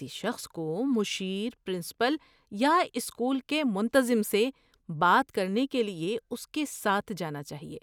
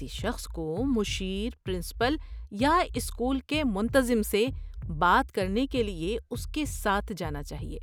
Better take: first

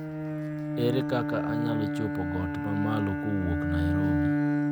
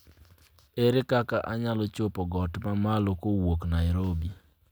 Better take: second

